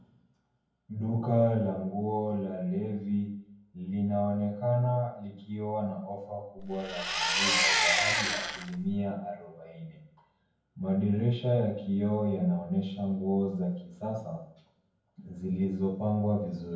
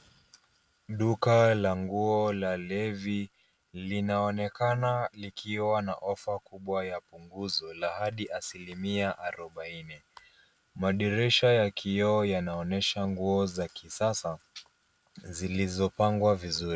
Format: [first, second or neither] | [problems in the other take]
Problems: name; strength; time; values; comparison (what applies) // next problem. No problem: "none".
second | background sound (Engine); 3 dB above the speech // room echo; dies away in 0.9 s